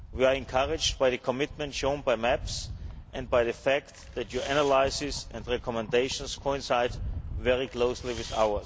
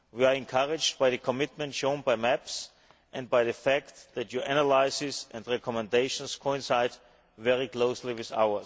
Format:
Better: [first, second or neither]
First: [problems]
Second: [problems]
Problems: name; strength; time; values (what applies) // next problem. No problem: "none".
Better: second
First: background sound (Camera + Rattle); 11 dB below the speech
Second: none